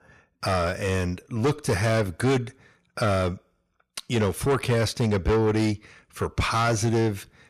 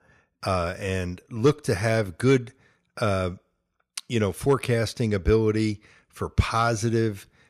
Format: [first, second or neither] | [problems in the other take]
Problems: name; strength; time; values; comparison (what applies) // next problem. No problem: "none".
second | distortion; heavy; 7 dB below the speech